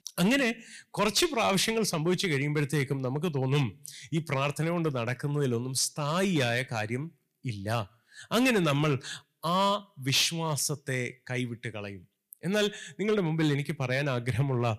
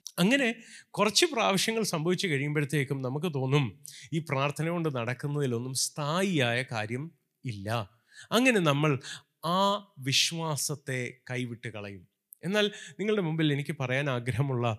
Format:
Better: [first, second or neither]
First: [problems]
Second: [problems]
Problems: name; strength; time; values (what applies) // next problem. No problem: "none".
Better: second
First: distortion; slight; 4% of the sound clipped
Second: none